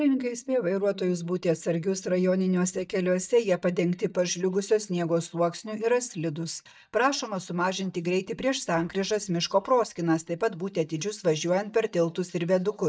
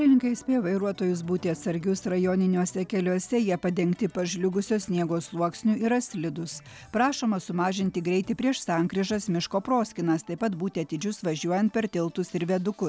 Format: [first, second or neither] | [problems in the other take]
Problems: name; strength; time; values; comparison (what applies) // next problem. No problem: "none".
second | noise reduction (neural mask model DeepFilterNet 3)